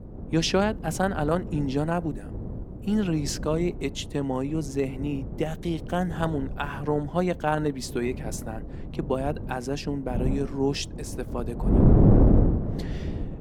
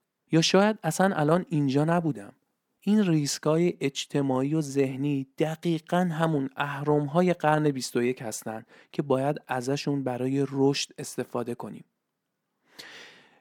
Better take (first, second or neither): second